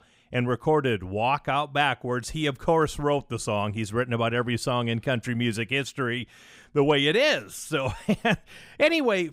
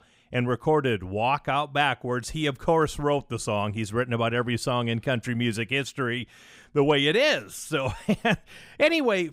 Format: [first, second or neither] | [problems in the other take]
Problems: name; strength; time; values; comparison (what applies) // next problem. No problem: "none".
neither | none